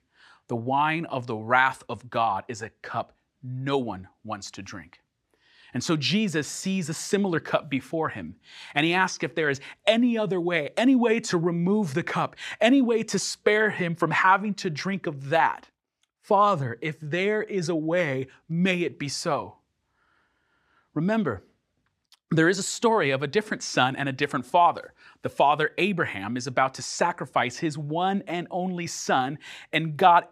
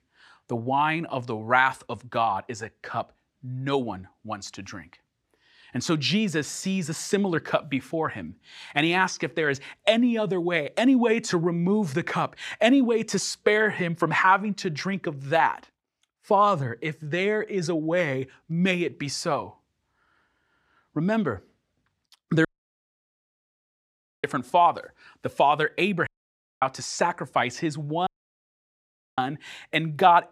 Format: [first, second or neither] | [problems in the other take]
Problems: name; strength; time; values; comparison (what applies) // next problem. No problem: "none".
first | audio cutting out; at 22 s for 2 s, at 26 s for 0.5 s and at 28 s for 1 s